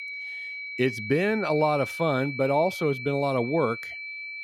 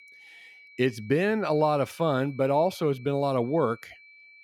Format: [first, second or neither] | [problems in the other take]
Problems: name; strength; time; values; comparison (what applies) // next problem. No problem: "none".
second | high-pitched whine; loud; throughout; 2.5 kHz, 8 dB below the speech; faint in the second